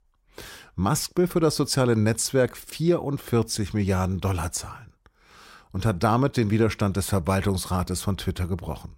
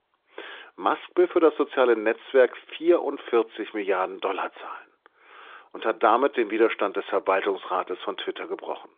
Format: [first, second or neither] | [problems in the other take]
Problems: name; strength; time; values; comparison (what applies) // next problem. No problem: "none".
first | phone-call audio; nothing above 3.5 kHz